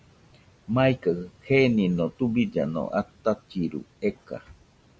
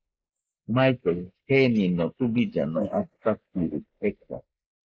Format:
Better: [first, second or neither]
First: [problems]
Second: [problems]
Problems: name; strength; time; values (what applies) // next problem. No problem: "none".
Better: first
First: none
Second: noise reduction (neural mask model Resemble Enhance denoiser)